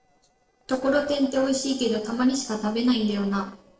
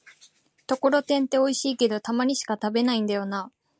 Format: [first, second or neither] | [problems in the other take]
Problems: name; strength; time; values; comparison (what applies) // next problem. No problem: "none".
second | noise reduction (neural separator model SepFormer DNS4)